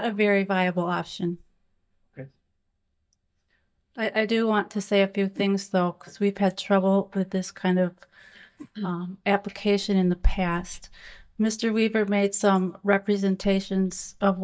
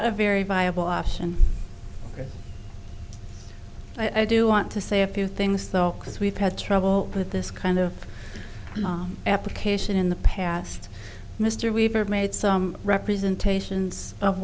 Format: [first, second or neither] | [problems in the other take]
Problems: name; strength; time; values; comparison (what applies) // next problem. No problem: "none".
second | noise reduction (neural mask model DeepFilterNet 3)